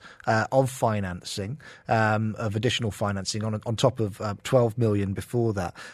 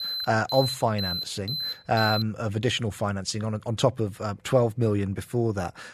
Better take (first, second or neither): first